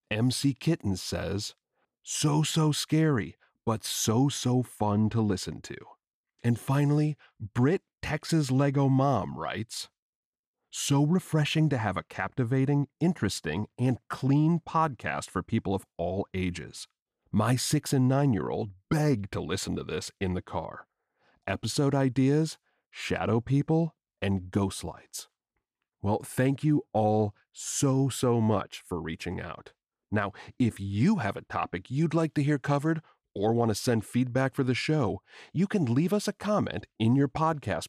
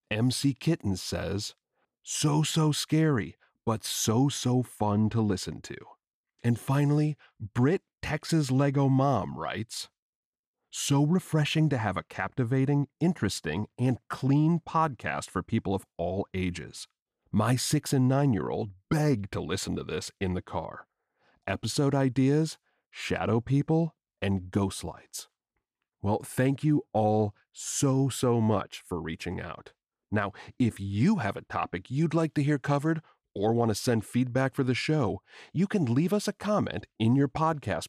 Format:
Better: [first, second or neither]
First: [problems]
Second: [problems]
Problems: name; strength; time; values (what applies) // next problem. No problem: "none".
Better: neither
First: none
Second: none